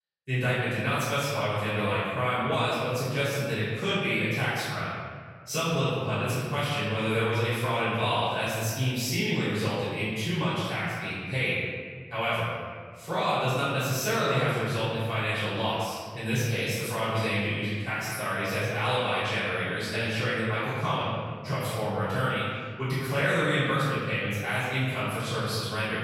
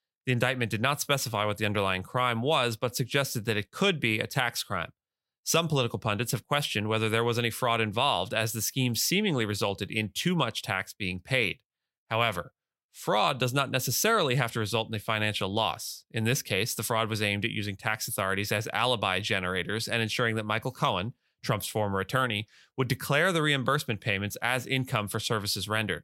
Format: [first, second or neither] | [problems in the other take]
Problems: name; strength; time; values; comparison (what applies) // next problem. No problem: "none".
second | off-mic speech; far // room echo; strong; dies away in 1.7 s